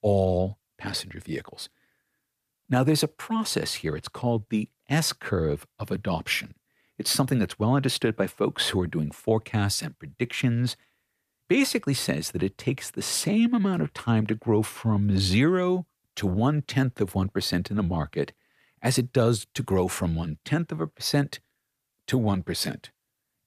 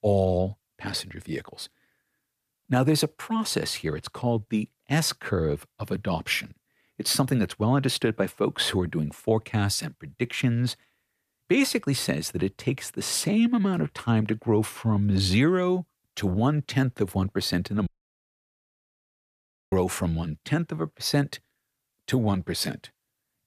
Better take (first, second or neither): first